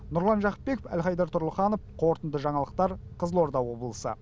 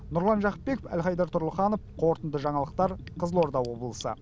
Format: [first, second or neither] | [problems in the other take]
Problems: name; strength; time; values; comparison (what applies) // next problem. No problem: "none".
first | background sound (Bathtub (filling or washing) / Gurgling); 18 dB below the speech